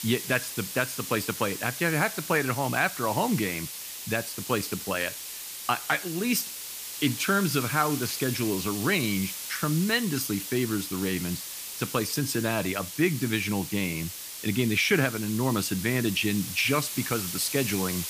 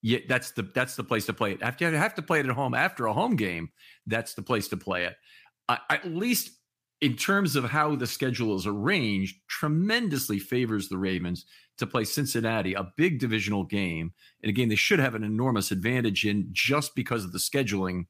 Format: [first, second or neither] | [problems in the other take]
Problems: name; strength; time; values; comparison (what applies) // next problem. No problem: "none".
second | hiss; loud; throughout; 7 dB below the speech